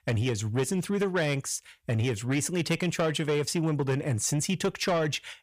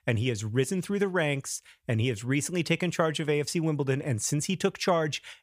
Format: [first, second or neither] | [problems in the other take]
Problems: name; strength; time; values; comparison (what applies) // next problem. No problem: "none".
second | distortion; slight; 10 dB below the speech